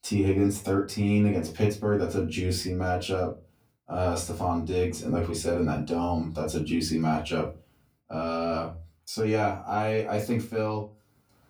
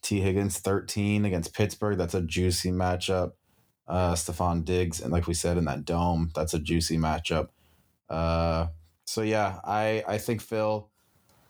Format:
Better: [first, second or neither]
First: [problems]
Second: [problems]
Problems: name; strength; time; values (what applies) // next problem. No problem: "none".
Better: second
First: off-mic speech; far // room echo; very slight; dies away in 0.2 s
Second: none